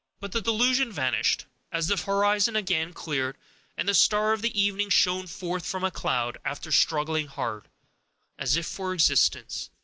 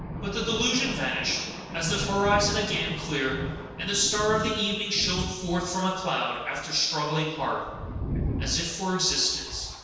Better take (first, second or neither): first